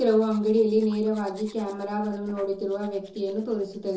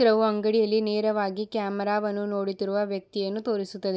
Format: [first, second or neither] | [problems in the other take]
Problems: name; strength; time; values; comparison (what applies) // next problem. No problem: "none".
second | noise reduction (neural separator model SepFormer DNS4)